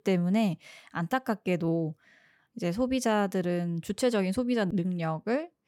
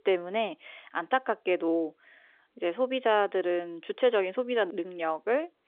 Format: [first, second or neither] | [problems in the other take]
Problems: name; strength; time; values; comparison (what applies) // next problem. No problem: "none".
first | phone-call audio; nothing above 3.5 kHz